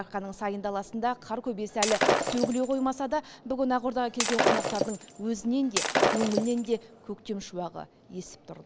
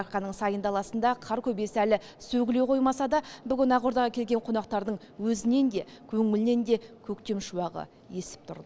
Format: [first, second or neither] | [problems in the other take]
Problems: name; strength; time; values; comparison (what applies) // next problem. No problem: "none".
second | background sound (Shatter); 2 dB above the speech